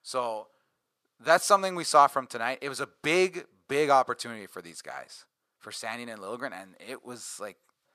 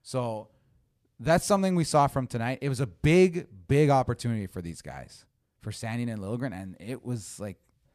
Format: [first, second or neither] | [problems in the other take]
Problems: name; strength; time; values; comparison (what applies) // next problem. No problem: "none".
second | thin; very; fading below 500 Hz